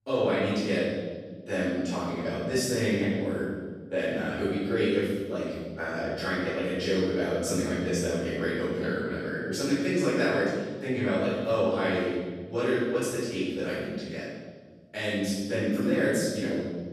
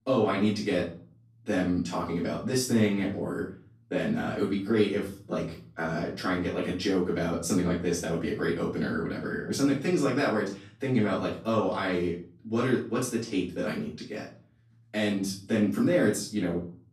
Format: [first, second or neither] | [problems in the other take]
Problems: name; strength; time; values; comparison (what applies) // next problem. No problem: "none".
second | room echo; strong; dies away in 1.5 s; slight in the second // off-mic speech; far; far in the second